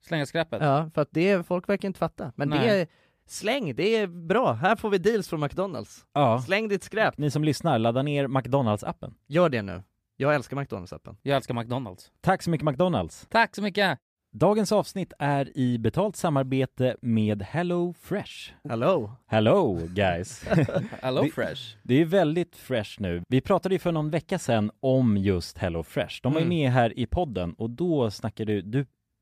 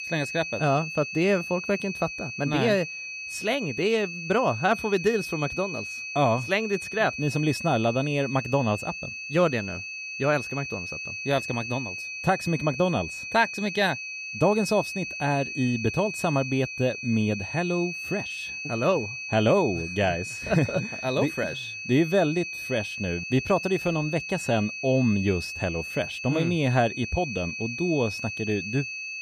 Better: first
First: none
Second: high-pitched whine; loud; throughout; 2.5 kHz, 7 dB below the speech

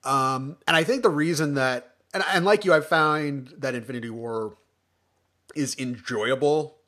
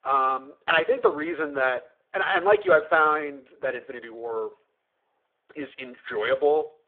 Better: first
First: none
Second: phone-call audio; poor line

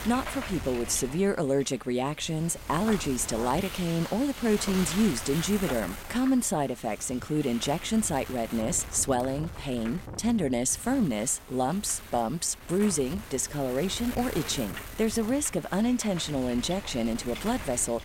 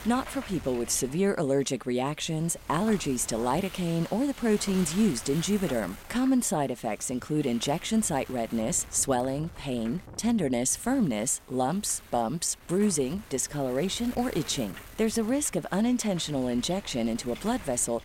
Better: second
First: wind noise on the microphone; heavy; 10 dB below the speech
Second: wind noise on the microphone; occasional gusts; 15 dB below the speech

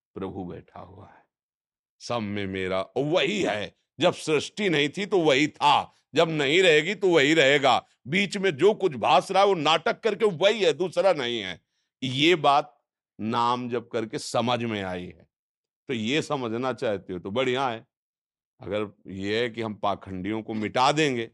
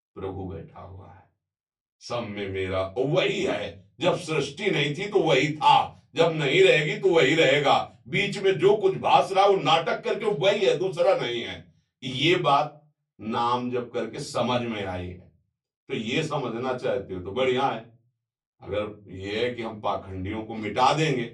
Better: first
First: none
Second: off-mic speech; far // room echo; very slight; dies away in 0.3 s

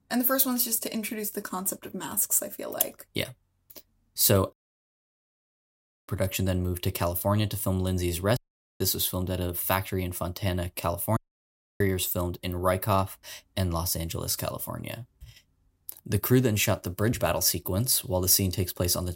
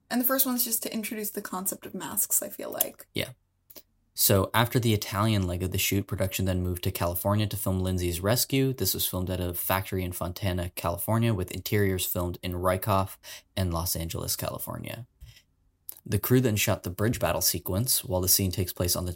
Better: second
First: audio cutting out; at 4.5 s for 1.5 s, at 8.5 s and at 11 s for 0.5 s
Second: none

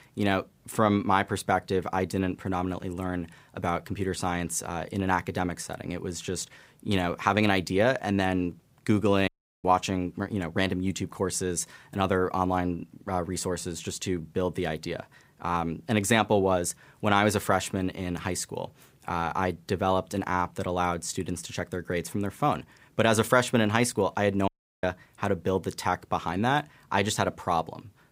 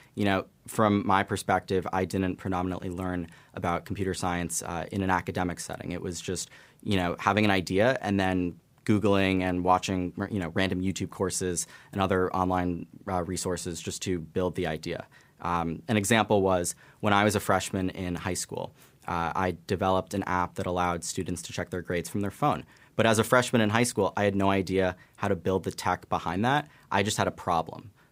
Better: second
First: audio cutting out; at 9.5 s and at 24 s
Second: none

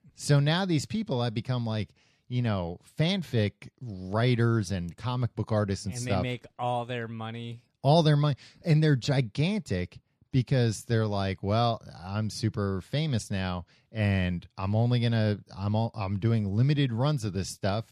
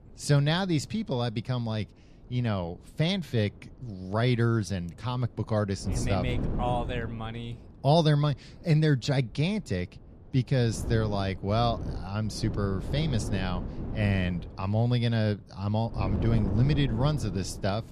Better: first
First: none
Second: wind noise on the microphone; occasional gusts; 10 dB below the speech

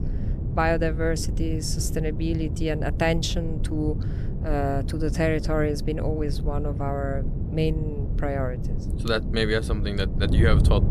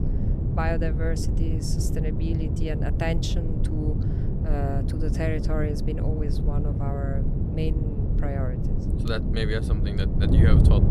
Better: first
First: wind noise on the microphone; occasional gusts; 10 dB below the speech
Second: wind noise on the microphone; heavy; 3 dB below the speech

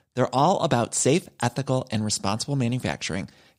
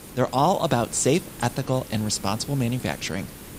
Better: first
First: none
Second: hiss; noticeable; throughout; 15 dB below the speech

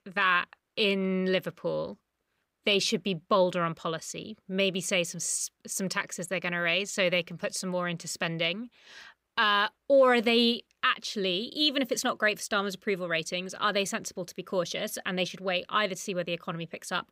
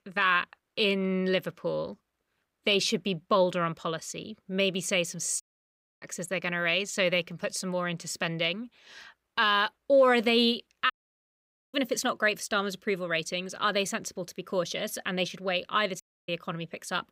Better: first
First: none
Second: audio cutting out; at 5.5 s for 0.5 s, at 11 s for 1 s and at 16 s

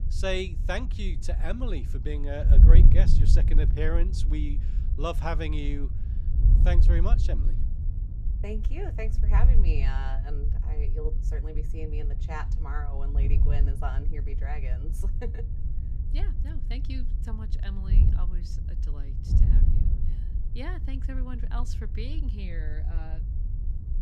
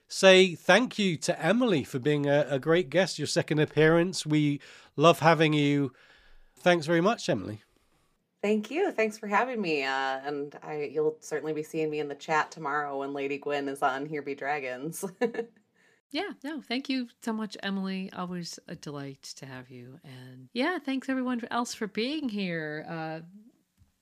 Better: second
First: wind noise on the microphone; heavy; 7 dB below the speech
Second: none

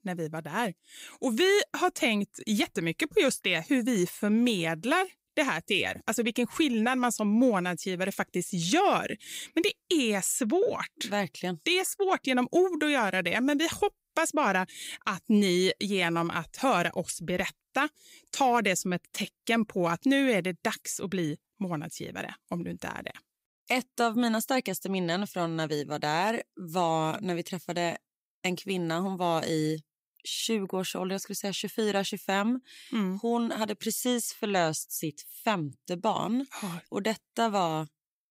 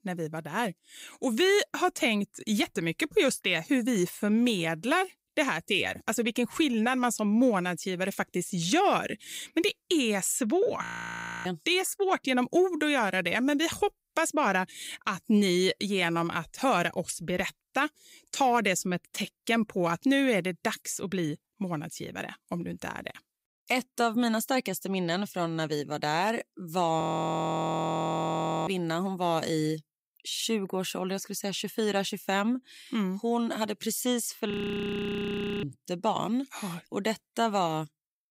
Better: first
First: none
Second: audio freezing; at 11 s for 0.5 s, at 27 s for 1.5 s and at 35 s for 1 s

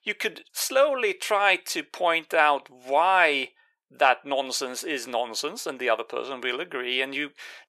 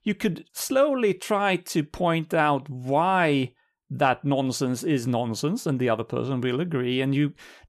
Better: second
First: thin; very; fading below 500 Hz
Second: none

